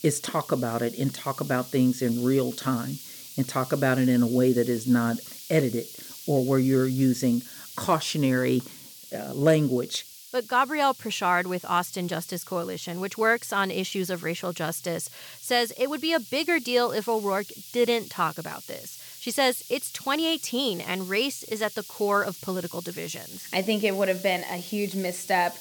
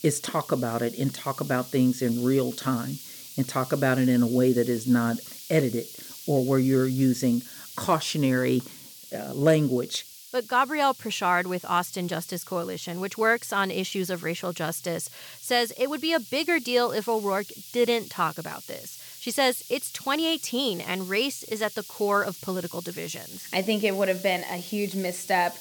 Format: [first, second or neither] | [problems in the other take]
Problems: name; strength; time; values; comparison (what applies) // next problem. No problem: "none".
neither | hiss; noticeable; throughout; 15 dB below the speech; the same in both